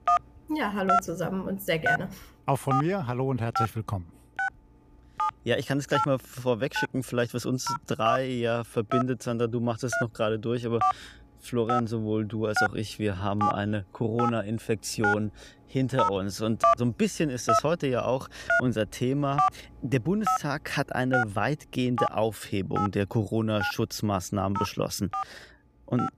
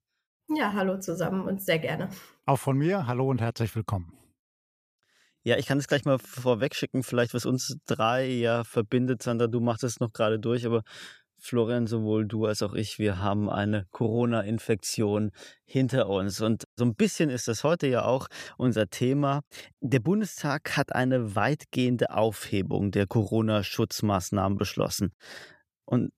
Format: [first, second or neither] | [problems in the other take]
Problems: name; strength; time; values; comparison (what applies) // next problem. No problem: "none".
second | alarms or sirens; loud; throughout; 1 dB below the speech